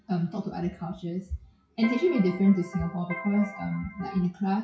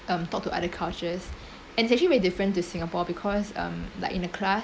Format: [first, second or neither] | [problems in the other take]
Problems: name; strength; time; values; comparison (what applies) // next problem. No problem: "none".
second | noise reduction (classical method WPE with log-MMSE)